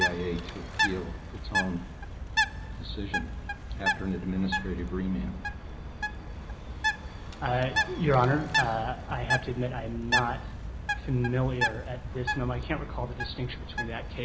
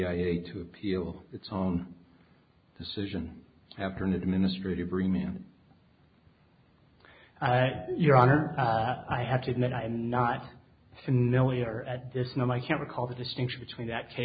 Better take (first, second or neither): second